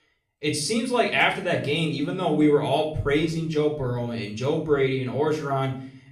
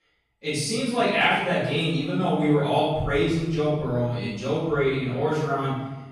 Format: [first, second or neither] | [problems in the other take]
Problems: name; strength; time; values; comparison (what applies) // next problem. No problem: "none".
first | room echo; strong; dies away in 1.1 s; slight in the first // off-mic speech; far; somewhat distant in the first